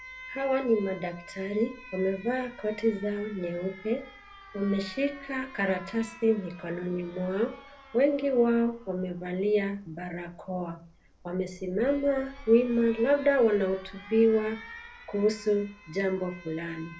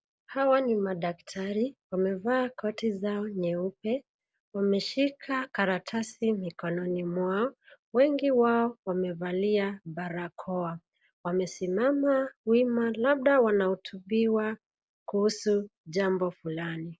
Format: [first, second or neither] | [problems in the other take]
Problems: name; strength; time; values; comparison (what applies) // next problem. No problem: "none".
second | background sound (Alarm); 19 dB below the speech // room echo; dies away in 0.3 s